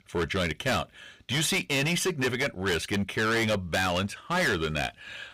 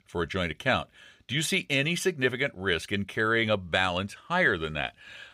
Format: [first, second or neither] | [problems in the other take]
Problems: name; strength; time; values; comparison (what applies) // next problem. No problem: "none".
second | distortion; heavy; 16% of the sound clipped